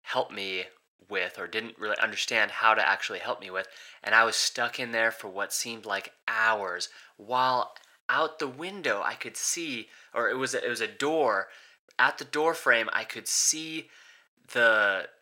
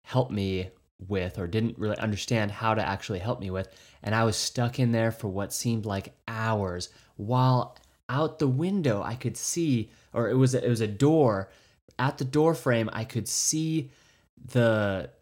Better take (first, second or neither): second